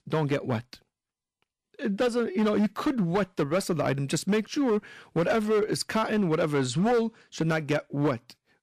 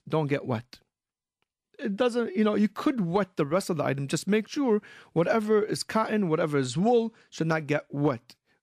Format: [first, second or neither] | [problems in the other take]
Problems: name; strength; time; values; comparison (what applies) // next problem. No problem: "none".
second | distortion; slight; 9% of the sound clipped